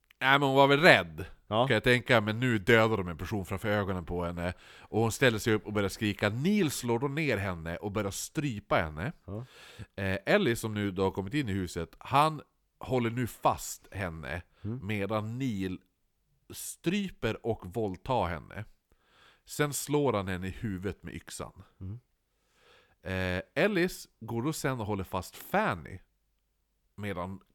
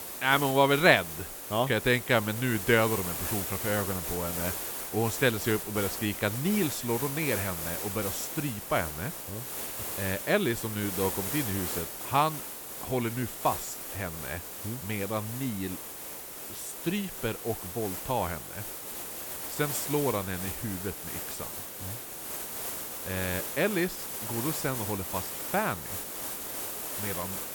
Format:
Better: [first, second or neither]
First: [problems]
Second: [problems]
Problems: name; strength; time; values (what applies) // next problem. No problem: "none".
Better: first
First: none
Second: hiss; loud; throughout; 4 dB below the speech